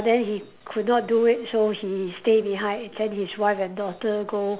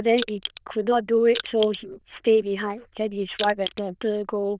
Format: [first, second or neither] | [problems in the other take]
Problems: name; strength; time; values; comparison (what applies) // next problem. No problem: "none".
first | noise reduction (neural diffusion model UNIVERSE++)